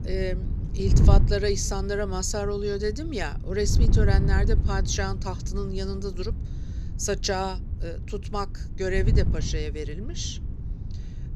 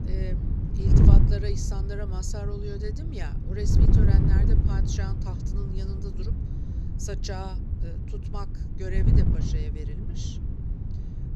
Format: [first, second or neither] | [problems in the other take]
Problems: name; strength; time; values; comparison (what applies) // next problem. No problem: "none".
first | wind noise on the microphone; heavy; 1 dB above the speech; occasional gusts in the first